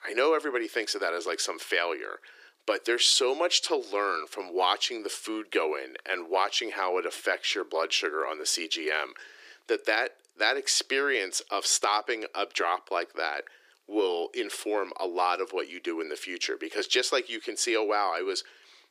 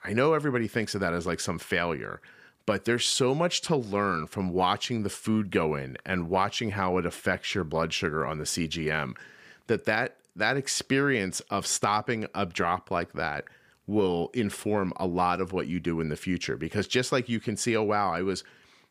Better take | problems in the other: second | thin; very; fading below 300 Hz

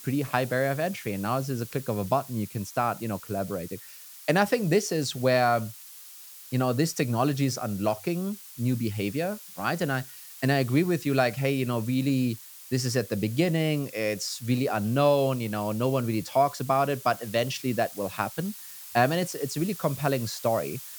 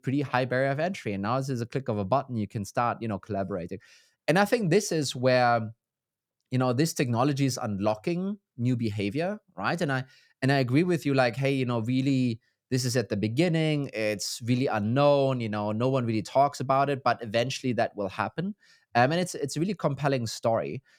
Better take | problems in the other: second | hiss; noticeable; throughout; 15 dB below the speech

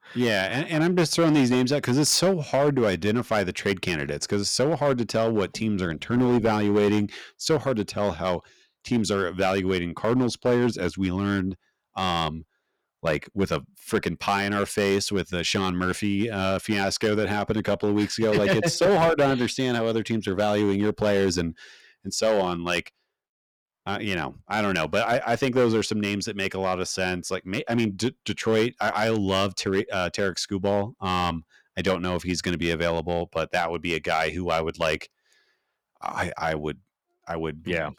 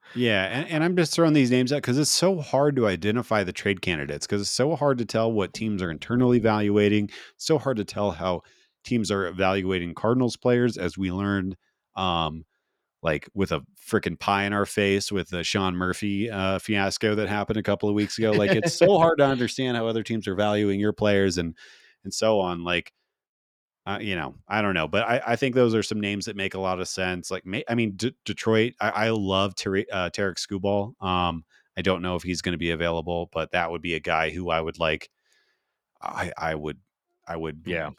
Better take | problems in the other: second | distortion; slight; 5% of the sound clipped

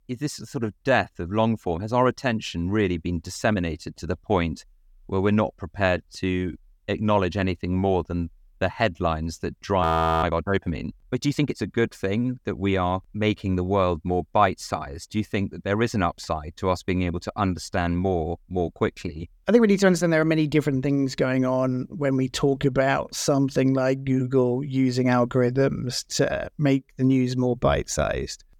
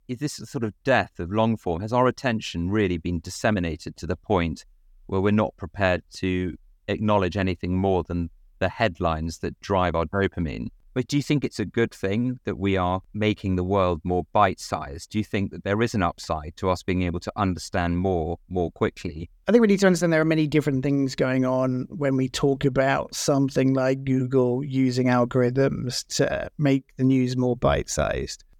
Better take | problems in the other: second | audio freezing; at 10 s

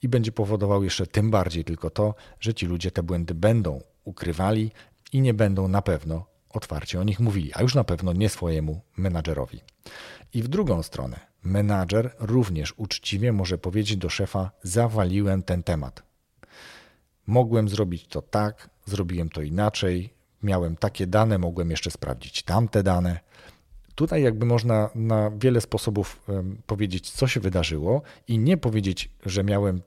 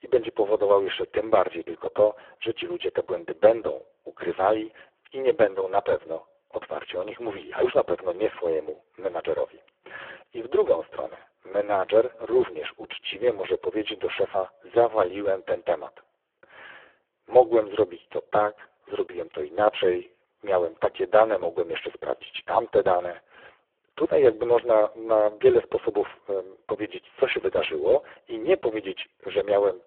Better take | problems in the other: first | phone-call audio; poor line

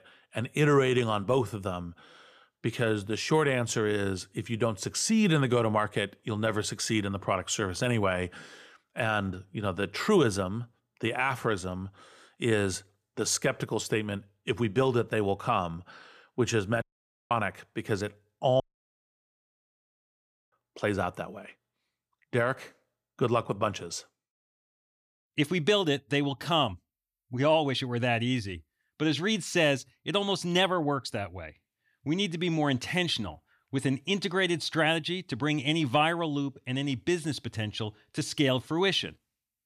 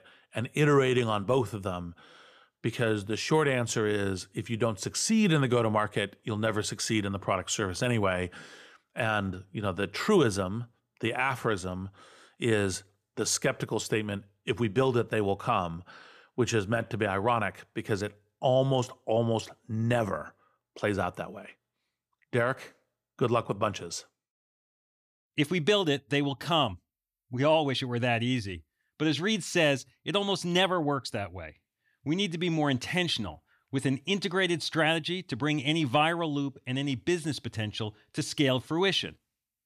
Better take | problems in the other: second | audio cutting out; at 17 s and at 19 s for 2 s

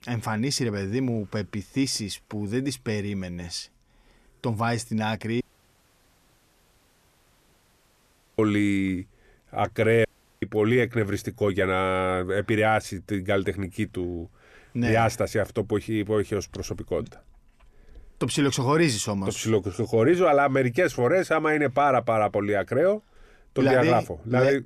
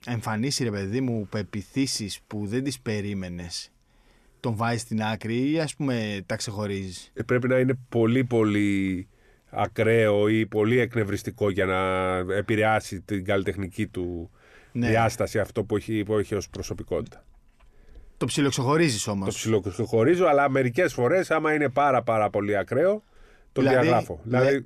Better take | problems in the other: second | audio cutting out; at 5.5 s for 3 s and at 10 s

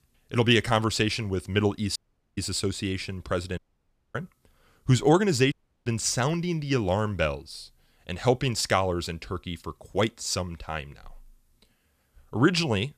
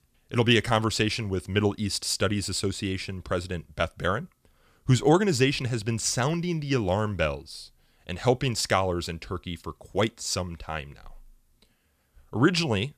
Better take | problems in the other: second | audio cutting out; at 2 s, at 3.5 s for 0.5 s and at 5.5 s

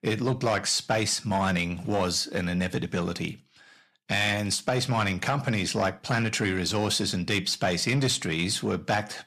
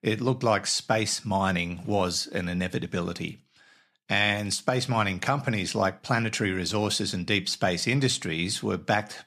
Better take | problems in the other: second | distortion; slight; 10 dB below the speech

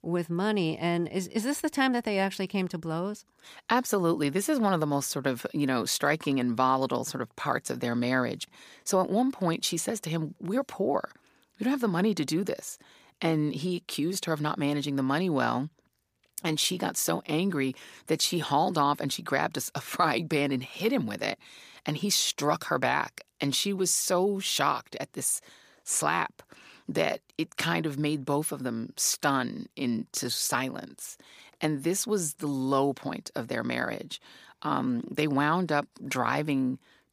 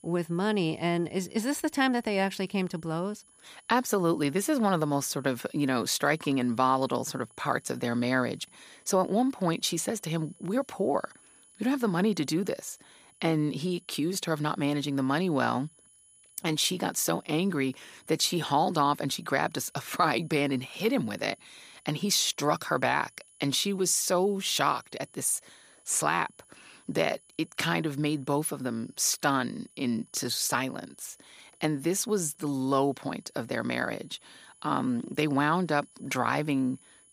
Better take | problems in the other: first | high-pitched whine; faint; throughout; 10 kHz, 30 dB below the speech

